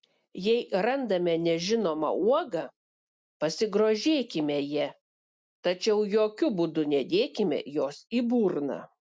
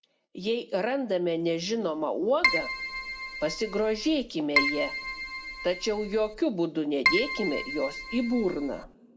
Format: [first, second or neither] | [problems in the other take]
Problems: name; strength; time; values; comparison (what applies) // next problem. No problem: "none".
first | background sound (Keyboard (musical)); 3 dB below the speech // room echo; dies away in 0.9 s